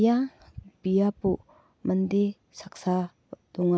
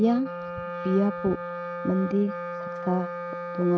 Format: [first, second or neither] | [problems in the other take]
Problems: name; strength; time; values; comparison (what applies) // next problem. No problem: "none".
first | noise reduction (neural mask model RNNoise)